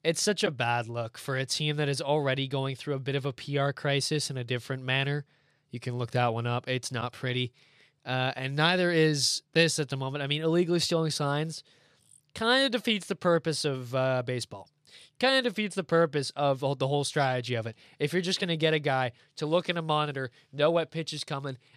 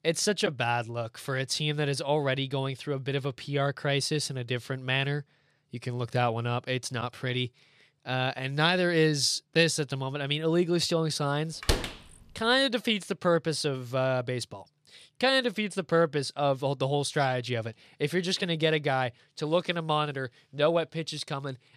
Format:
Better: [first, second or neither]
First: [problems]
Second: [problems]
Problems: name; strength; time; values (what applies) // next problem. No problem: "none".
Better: first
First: none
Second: door banging; noticeable; at 12 s; peak 1 dB below the speech